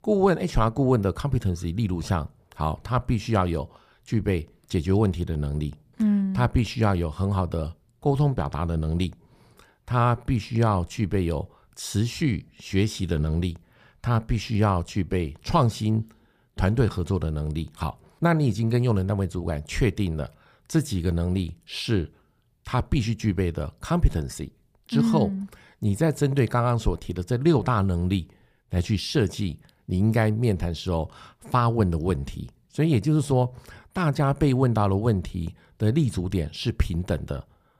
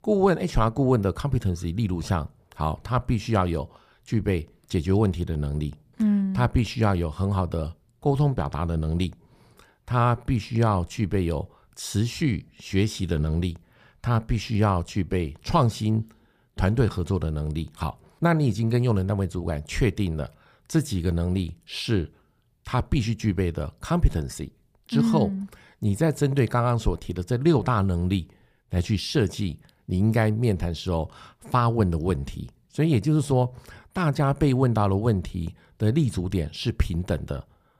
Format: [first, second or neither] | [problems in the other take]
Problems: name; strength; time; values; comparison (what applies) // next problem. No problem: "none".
neither | none